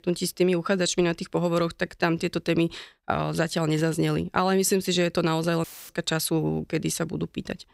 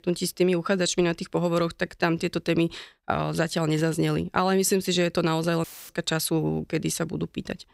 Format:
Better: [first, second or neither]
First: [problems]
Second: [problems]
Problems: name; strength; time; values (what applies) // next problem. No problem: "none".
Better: neither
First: audio cutting out; filled with static; at 5.5 s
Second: audio cutting out; filled with static; at 5.5 s